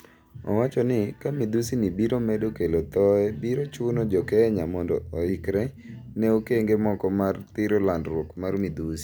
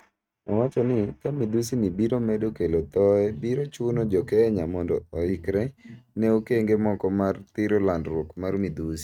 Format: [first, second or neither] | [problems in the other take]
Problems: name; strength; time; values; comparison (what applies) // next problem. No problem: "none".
first | noise reduction (neural mask model RNNoise)